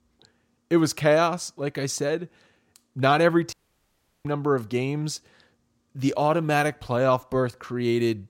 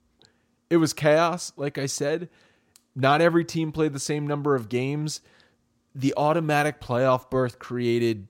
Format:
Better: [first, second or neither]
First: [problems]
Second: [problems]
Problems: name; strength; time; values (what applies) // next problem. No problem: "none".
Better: second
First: audio cutting out; at 3.5 s for 0.5 s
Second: none